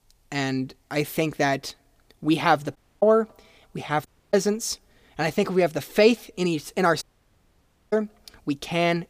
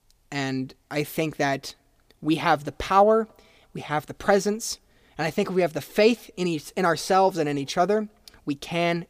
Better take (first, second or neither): second